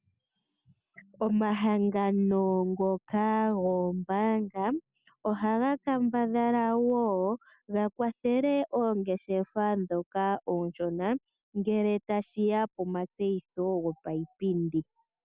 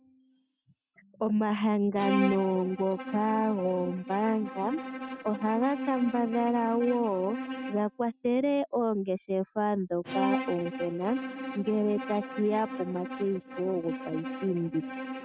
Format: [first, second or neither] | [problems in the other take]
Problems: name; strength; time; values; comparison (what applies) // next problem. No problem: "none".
first | noise reduction (neural mask model RNNoise)